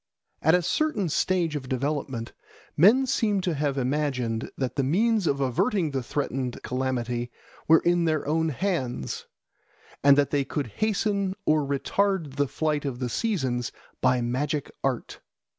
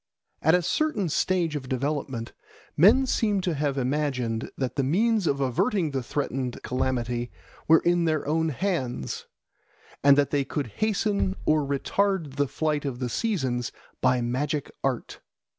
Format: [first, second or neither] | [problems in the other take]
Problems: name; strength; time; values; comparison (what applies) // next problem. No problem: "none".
first | background sound (Bass drum); 14 dB below the speech